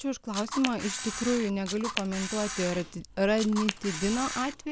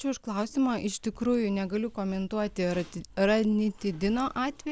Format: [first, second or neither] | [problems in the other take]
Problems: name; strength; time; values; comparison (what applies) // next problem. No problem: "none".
second | background sound (Camera); 7 dB below the speech